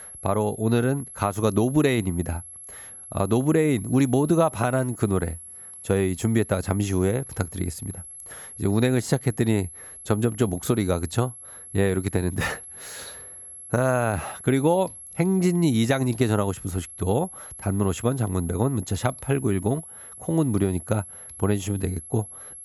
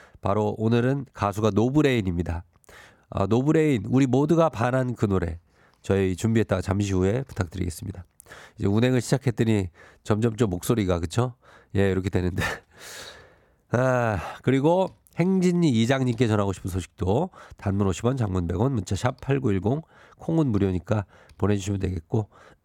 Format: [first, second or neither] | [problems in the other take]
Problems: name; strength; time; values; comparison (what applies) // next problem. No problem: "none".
second | high-pitched whine; noticeable; throughout; 11 kHz, 15 dB below the speech